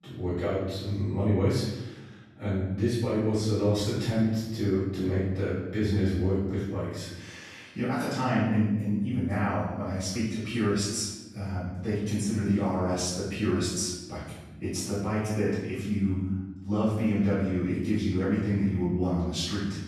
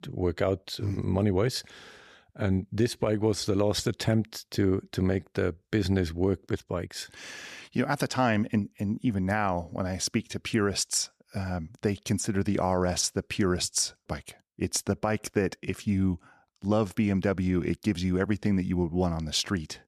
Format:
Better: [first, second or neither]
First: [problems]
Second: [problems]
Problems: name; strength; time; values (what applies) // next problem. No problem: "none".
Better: second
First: off-mic speech; far // room echo; strong; dies away in 1.1 s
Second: none